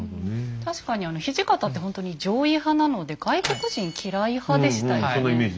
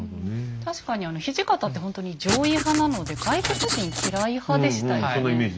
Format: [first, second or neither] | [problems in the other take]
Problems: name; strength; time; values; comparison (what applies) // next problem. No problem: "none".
first | background sound (Writing); 4 dB below the speech